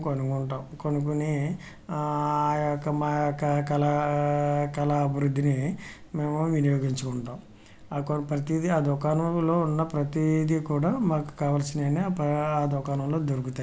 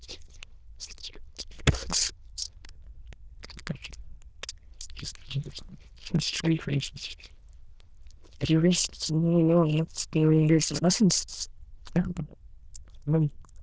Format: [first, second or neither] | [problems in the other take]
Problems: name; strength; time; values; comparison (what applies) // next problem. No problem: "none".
first | noise reduction (neural diffusion model UNIVERSE++)